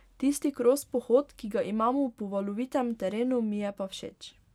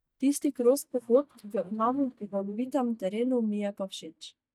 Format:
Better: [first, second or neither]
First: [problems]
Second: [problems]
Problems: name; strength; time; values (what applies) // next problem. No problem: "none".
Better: first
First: none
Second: noise reduction (neural mask model DeepFilterNet 3)